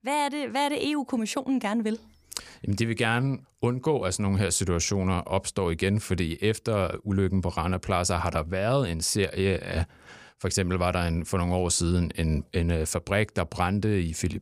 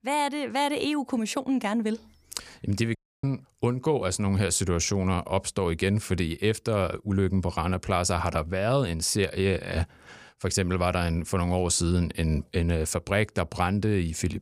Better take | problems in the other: first | audio cutting out; at 3 s

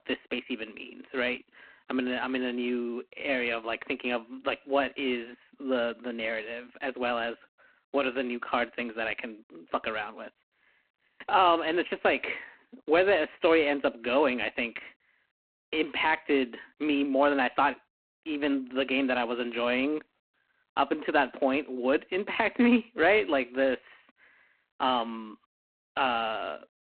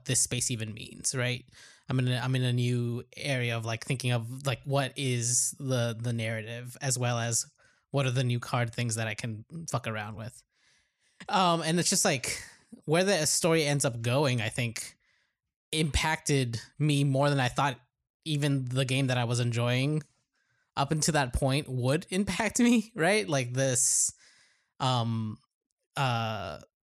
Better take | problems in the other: second | phone-call audio; poor line

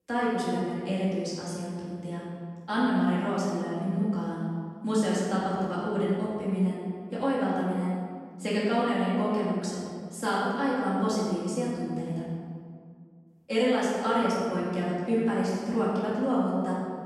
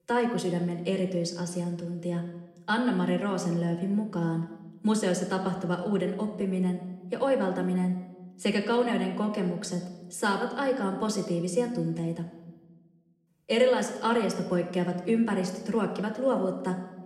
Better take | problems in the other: second | room echo; strong; dies away in 1.8 s; slight in the second // off-mic speech; far; somewhat distant in the second

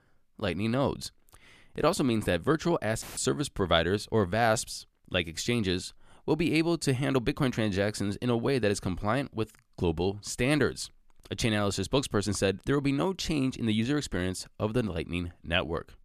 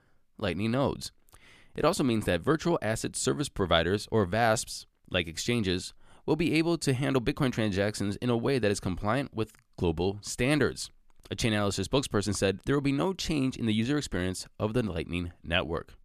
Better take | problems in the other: second | audio cutting out; filled with static; at 3 s

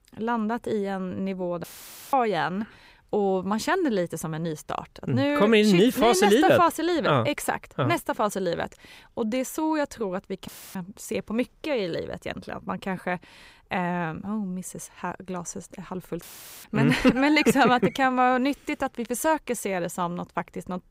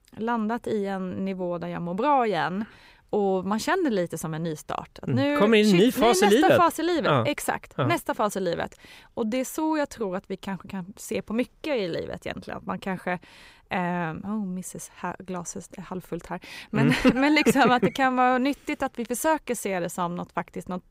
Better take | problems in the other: second | audio cutting out; filled with static; at 1.5 s, at 10 s and at 16 s

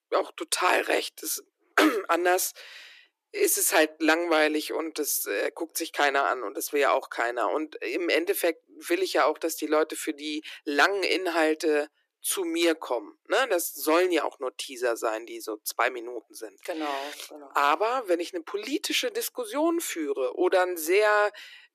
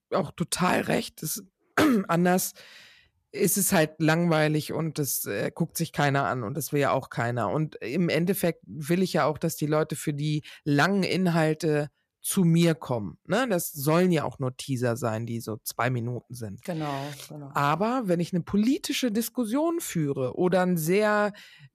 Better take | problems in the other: second | thin; very; fading below 300 Hz

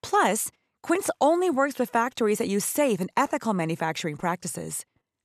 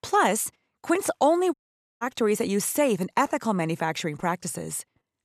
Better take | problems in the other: first | audio cutting out; at 1.5 s

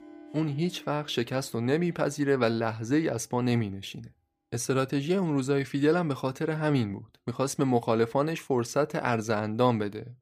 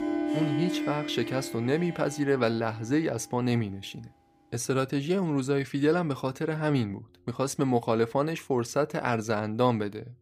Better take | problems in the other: first | background music; loud; throughout; 6 dB below the speech; faint in the first

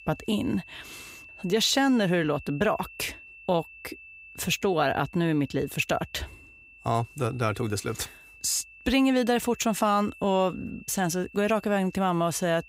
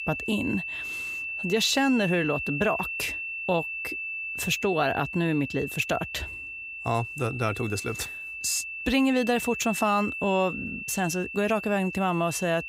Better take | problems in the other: first | high-pitched whine; loud; throughout; 2.5 kHz, 5 dB below the speech; faint in the first

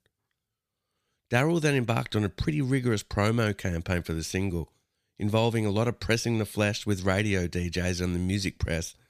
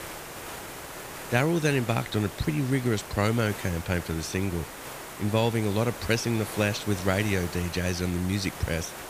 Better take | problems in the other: first | hiss; noticeable; throughout; 10 dB below the speech

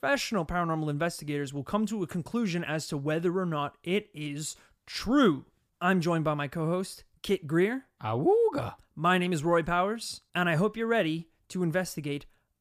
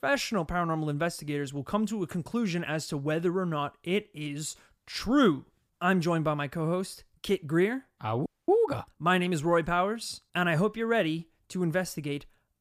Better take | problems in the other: first | audio freezing; at 8.5 s

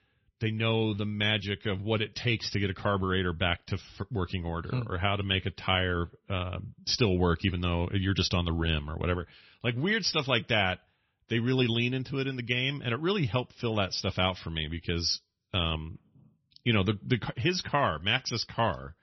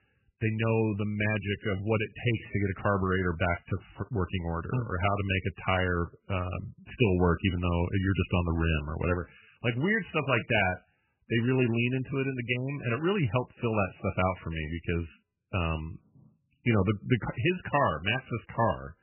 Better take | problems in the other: first | garbled, watery; badly; nothing above 3 kHz; slightly in the first

